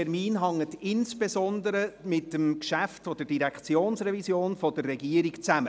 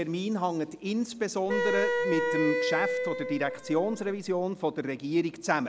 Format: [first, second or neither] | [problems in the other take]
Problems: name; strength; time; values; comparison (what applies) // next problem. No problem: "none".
first | background sound (Wind instrument, woodwind instrument); as loud as the speech